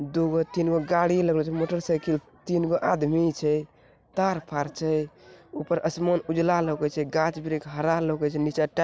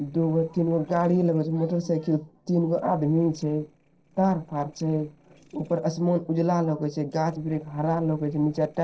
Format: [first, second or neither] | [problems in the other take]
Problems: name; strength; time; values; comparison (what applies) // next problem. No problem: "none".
first | noise reduction (neural separator model SepFormer DNS4)